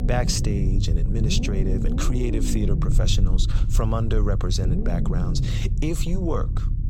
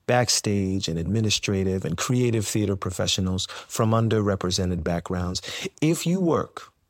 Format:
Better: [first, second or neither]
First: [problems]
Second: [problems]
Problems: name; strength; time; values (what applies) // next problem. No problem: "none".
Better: second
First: low rumble; loud; throughout; 7 dB below the speech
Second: none